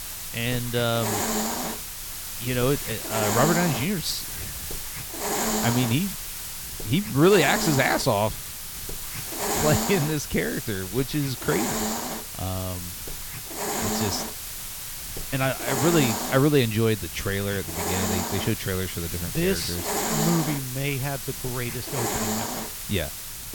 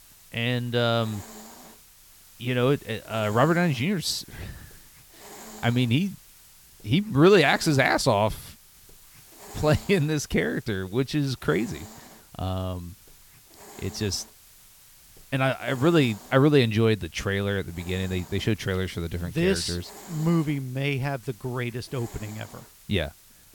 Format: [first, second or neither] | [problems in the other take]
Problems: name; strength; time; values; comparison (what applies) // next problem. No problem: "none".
second | hiss; loud; throughout; 3 dB below the speech; faint in the second